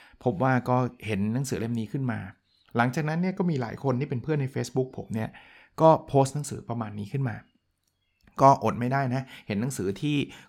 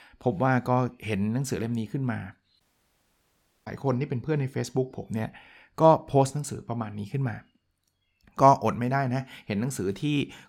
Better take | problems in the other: first | audio cutting out; at 2.5 s for 1 s

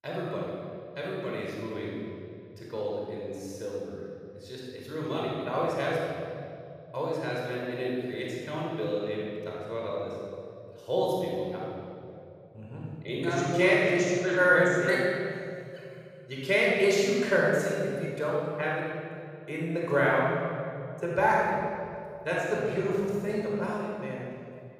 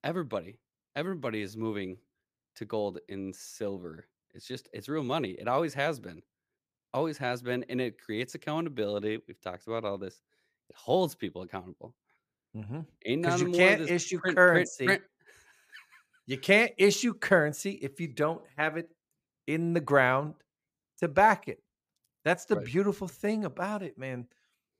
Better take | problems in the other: second | room echo; strong; dies away in 2.4 s // off-mic speech; far

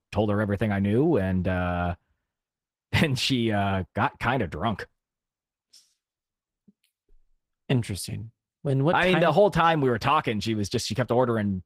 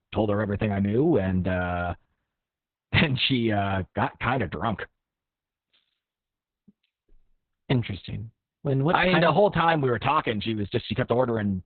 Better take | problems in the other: first | garbled, watery; badly; nothing above 4 kHz; slightly in the first

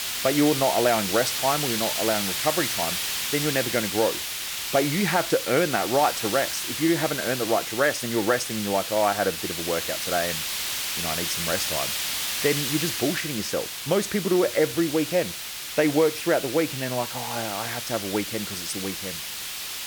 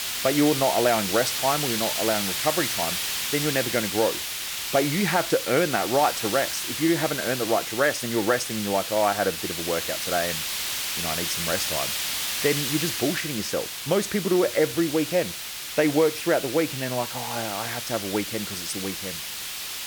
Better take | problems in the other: neither | hiss; loud; throughout; 2 dB below the speech; the same in both

